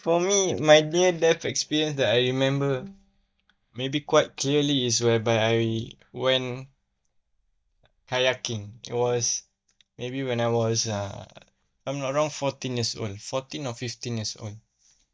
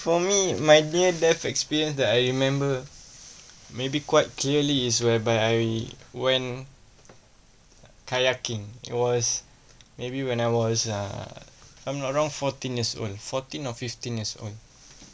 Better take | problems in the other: second | noise reduction (neural mask model DeepFilterNet 3)

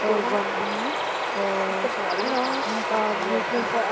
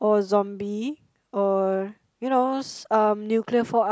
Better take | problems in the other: second | background sound (Bird vocalization, bird call, bird song); 3 dB above the speech

